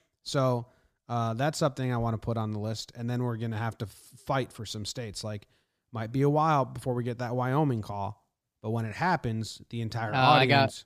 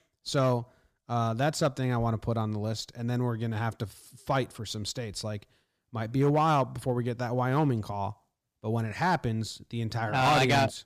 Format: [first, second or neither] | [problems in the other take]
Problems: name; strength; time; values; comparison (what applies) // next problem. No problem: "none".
first | distortion; slight; 2% of the sound clipped